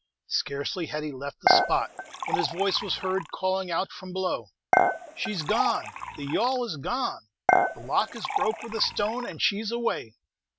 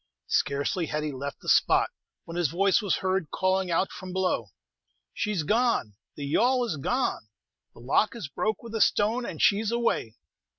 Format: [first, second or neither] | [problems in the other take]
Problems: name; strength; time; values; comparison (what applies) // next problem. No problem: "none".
second | background sound (Dishes, pots, and pans / Chink, clink); 1 dB above the speech